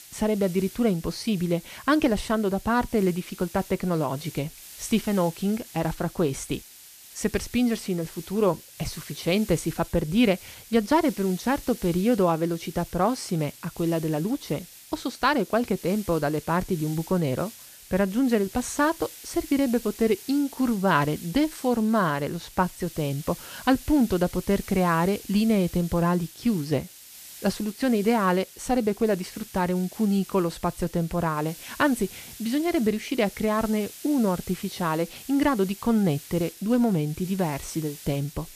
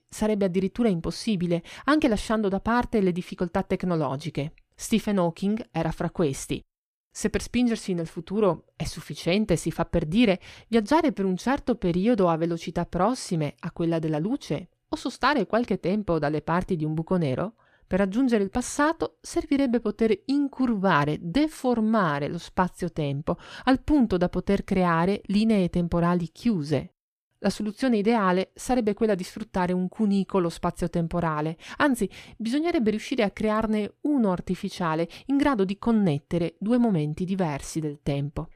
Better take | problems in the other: second | hiss; noticeable; throughout; 15 dB below the speech

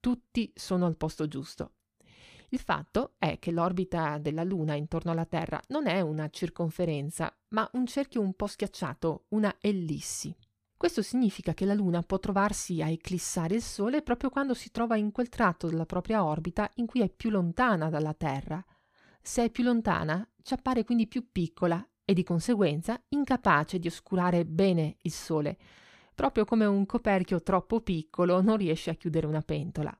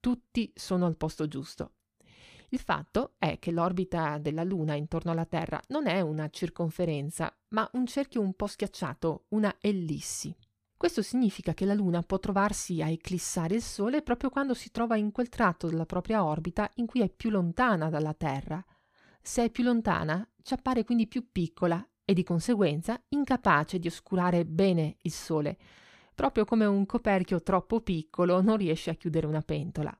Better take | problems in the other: neither | none

